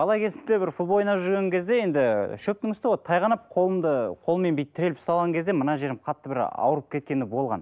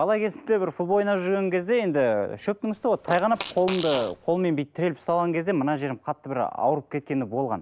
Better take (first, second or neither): first